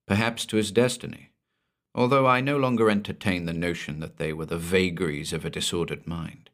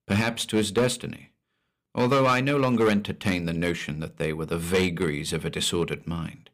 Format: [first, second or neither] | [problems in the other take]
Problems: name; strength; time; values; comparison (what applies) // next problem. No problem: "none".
first | distortion; slight; 5% of the sound clipped